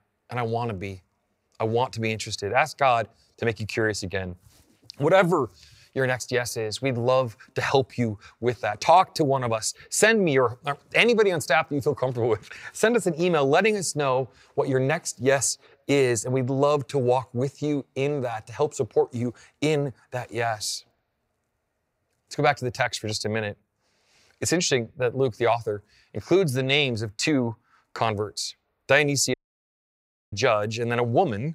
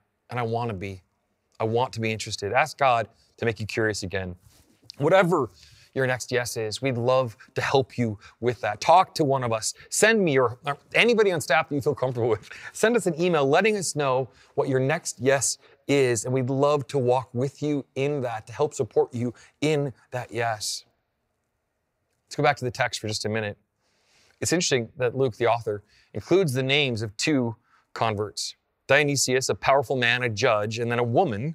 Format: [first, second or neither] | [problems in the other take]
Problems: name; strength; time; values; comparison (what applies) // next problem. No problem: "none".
second | audio cutting out; at 29 s for 1 s